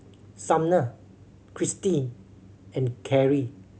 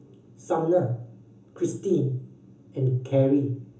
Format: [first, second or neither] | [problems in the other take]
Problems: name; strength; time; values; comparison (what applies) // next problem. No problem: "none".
first | room echo; dies away in 0.7 s